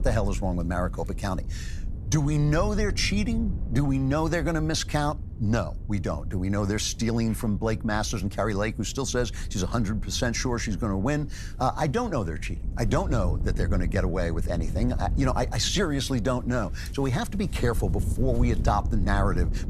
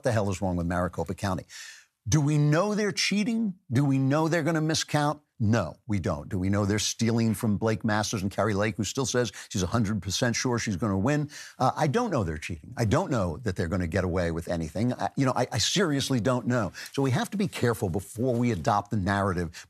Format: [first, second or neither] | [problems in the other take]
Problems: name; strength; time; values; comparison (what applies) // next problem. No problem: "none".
second | wind noise on the microphone; occasional gusts; 20 dB below the speech